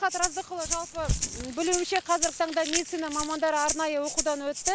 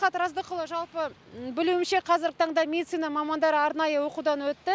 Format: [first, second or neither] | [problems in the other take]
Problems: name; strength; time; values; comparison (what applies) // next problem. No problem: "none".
second | background sound (Rattle (instrument) + Crumpling, crinkling / Crushing); 3 dB below the speech